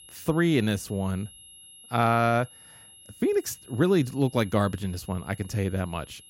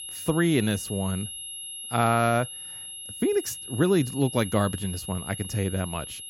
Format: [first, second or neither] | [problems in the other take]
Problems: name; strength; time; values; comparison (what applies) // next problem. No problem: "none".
first | high-pitched whine; loud; throughout; 11 kHz, 9 dB below the speech; faint in the first